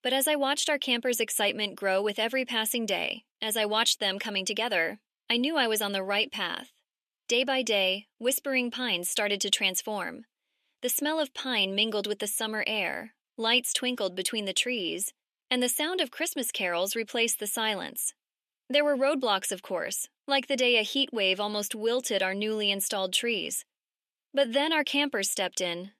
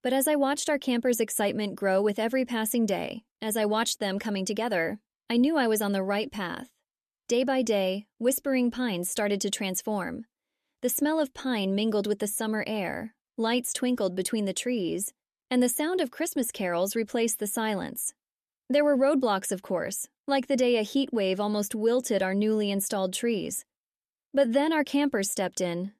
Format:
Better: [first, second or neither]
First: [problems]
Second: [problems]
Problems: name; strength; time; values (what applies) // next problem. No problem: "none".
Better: second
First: thin; very slightly; fading below 1 kHz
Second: none